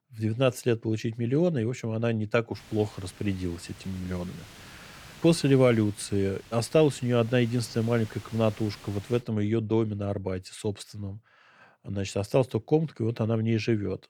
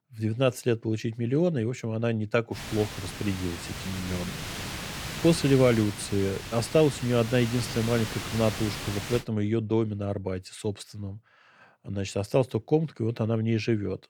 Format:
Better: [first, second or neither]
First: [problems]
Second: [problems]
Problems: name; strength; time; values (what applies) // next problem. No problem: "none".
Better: first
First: hiss; faint; from 2.5 to 9 s; 20 dB below the speech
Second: hiss; loud; from 2.5 to 9 s; 8 dB below the speech